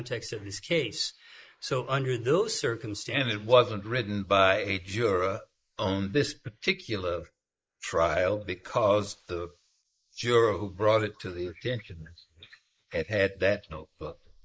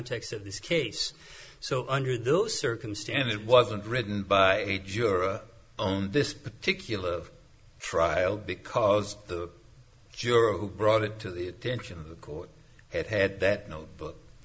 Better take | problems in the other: second | noise reduction (neural mask model Resemble Enhance denoiser)

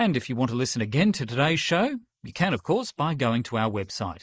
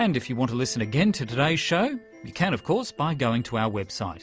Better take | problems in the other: second | noise reduction (neural mask model Resemble Enhance denoiser)

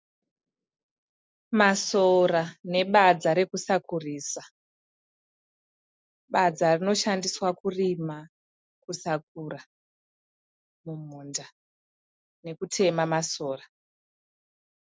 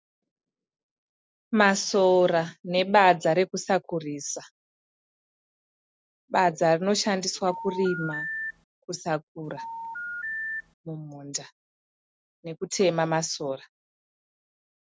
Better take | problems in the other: first | background sound (Telephone); 7 dB below the speech

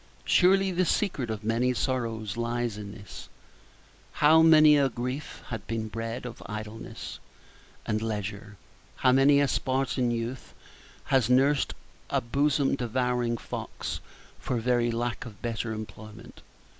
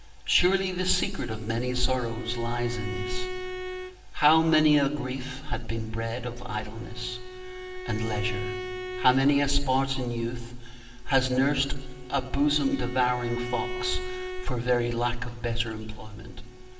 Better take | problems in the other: first | background sound (Bowed string instrument); 13 dB below the speech // room echo; dies away in 2.1 s

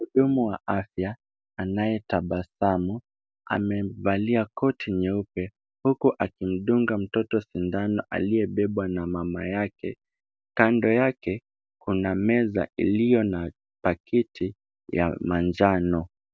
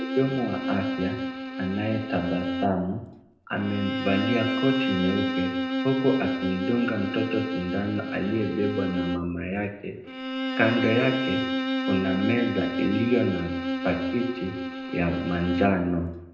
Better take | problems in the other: first | background sound (Bowed string instrument); 2 dB below the speech // room echo; dies away in 0.7 s

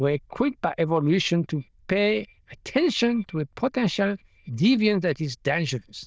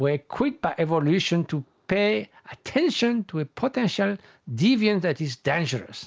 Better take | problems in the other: second | noise reduction (neural diffusion model UNIVERSE++)

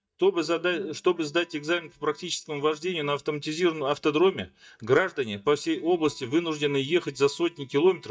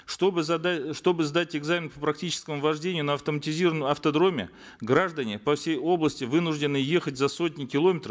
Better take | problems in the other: second | noise reduction (neural mask model DeepFilterNet 3)

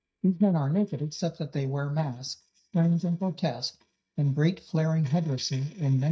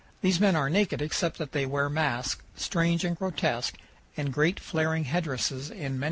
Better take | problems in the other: second | noise reduction (neural mask model DeepFilterNet 3)

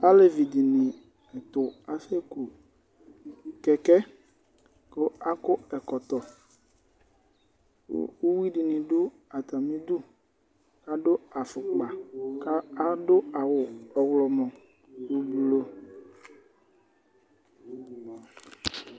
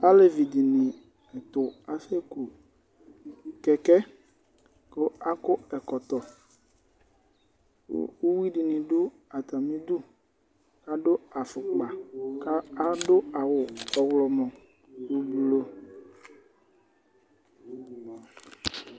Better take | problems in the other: first | background sound (Camera); 15 dB below the speech

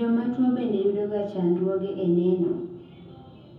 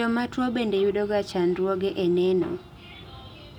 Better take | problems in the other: second | room echo; dies away in 0.7 s

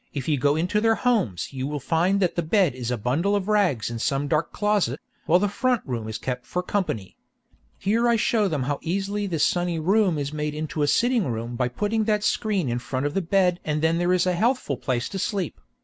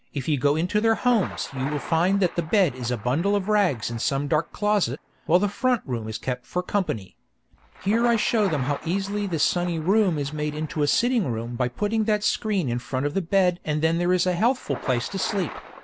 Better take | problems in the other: first | background sound (Thunder); 18 dB below the speech

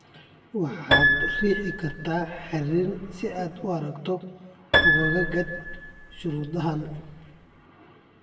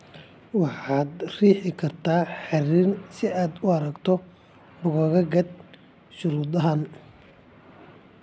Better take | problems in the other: second | background sound (Piano); 3 dB above the speech // room echo; dies away in 1.1 s

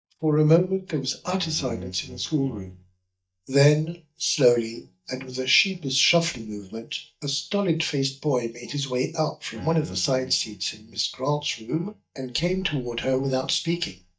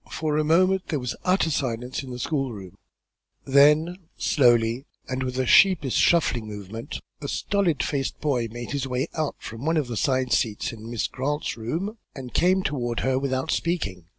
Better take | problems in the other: second | noise reduction (neural mask model DeepFilterNet 3)

